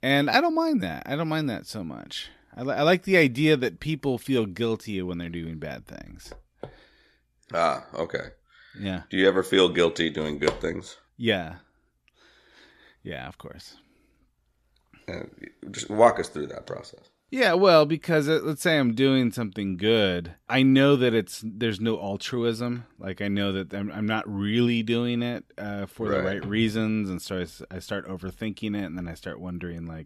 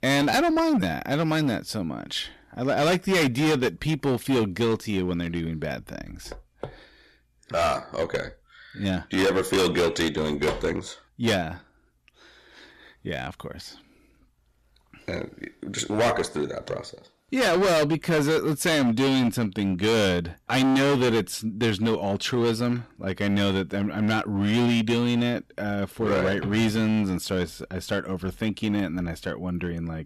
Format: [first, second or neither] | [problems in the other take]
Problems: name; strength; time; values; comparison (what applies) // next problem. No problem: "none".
first | distortion; heavy; 12% of the sound clipped